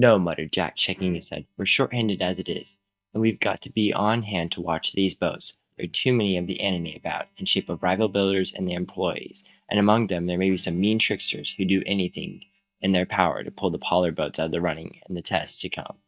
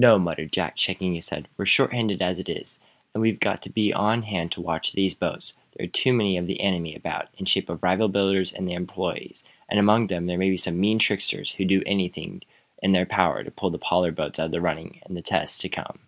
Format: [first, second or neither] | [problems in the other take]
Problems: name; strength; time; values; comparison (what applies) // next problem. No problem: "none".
second | noise reduction (neural mask model DeepFilterNet 3)